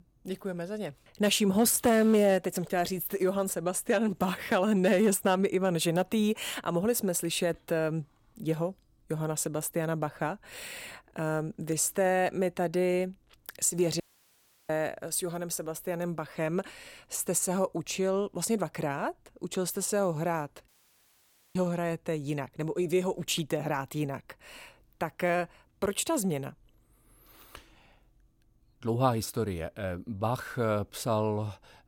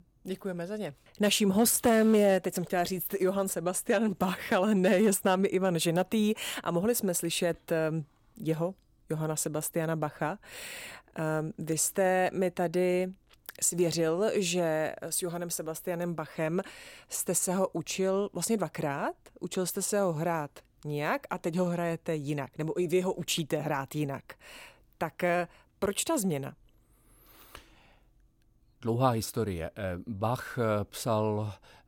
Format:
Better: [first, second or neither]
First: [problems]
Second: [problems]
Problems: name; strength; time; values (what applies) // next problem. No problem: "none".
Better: second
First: audio cutting out; at 14 s for 0.5 s and at 21 s for 1 s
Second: none